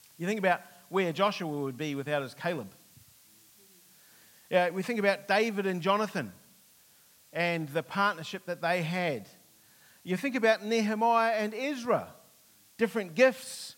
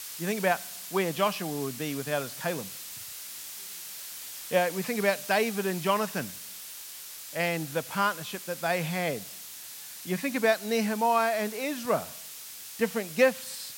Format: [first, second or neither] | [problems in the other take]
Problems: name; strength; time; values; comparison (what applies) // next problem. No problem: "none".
first | hiss; loud; throughout; 10 dB below the speech; faint in the first